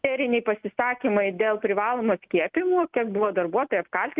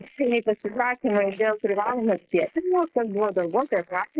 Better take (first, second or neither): first